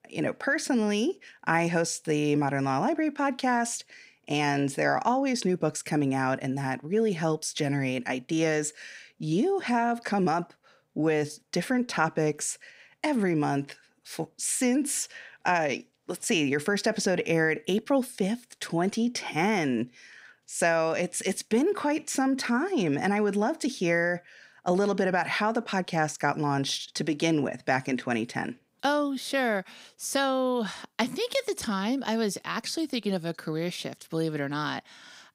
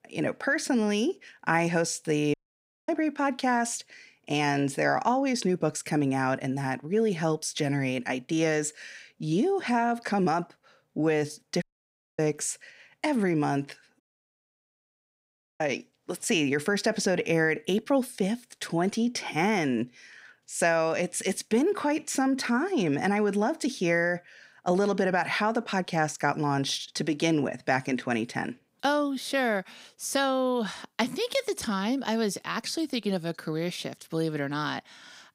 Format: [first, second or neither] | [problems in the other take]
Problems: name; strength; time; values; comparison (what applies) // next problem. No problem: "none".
first | audio cutting out; at 2.5 s for 0.5 s, at 12 s for 0.5 s and at 14 s for 1.5 s